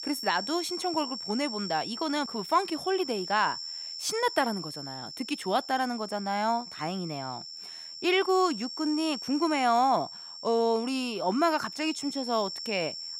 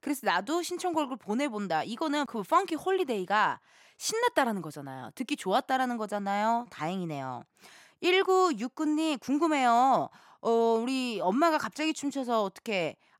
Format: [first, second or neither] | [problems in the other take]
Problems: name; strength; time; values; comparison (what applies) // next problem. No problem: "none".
second | high-pitched whine; loud; throughout; 5.5 kHz, 8 dB below the speech